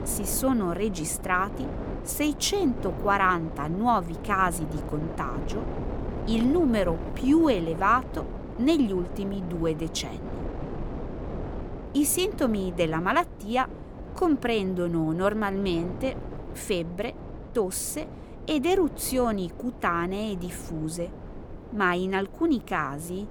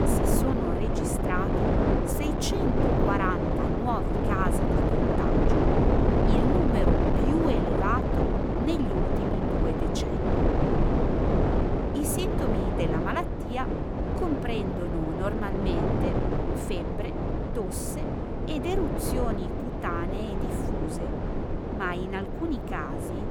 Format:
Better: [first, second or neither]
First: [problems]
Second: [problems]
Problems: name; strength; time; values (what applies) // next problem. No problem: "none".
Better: first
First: wind noise on the microphone; occasional gusts; 15 dB below the speech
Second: wind noise on the microphone; heavy; 3 dB above the speech